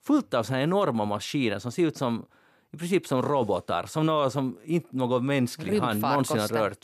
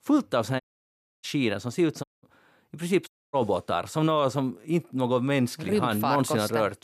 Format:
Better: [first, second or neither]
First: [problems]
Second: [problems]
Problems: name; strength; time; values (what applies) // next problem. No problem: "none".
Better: first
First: none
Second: audio cutting out; at 0.5 s for 0.5 s, at 2 s and at 3 s